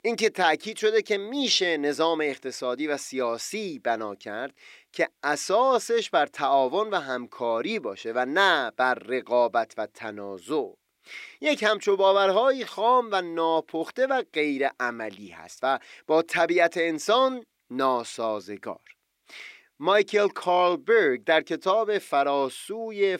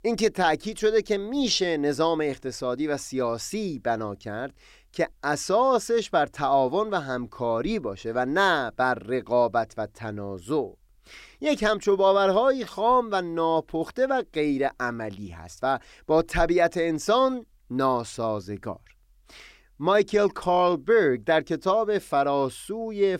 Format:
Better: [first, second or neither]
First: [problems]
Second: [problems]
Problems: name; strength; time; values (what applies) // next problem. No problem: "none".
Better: second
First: thin; very slightly; fading below 300 Hz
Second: none